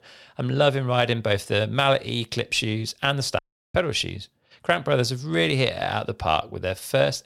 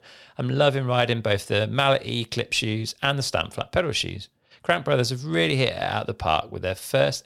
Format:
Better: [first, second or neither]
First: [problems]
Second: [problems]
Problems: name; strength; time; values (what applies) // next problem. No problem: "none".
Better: second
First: audio cutting out; at 3.5 s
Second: none